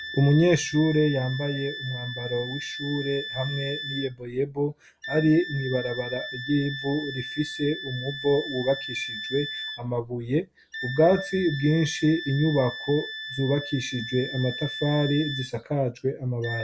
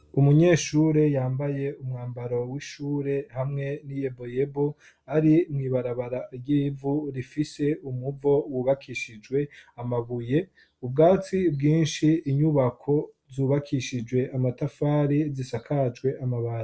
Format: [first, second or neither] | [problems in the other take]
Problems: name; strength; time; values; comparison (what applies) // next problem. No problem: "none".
second | background sound (Wind instrument, woodwind instrument); 10 dB below the speech